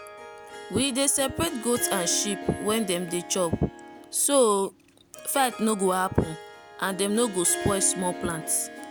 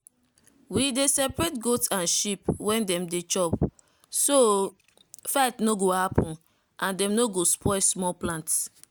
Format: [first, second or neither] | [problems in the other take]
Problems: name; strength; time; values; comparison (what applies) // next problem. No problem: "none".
second | background sound (Harp); 12 dB below the speech